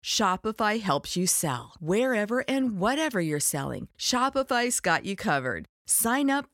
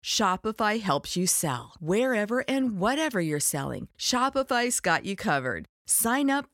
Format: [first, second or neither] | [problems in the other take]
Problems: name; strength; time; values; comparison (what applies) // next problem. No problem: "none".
neither | none